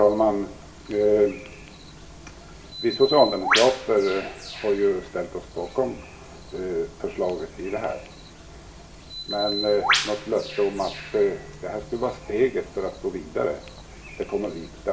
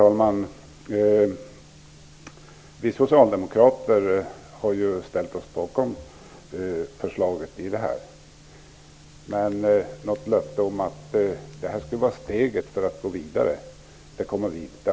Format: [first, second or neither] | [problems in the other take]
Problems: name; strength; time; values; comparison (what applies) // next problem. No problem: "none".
second | background sound (Bird); 8 dB below the speech // room echo; dies away in 0.5 s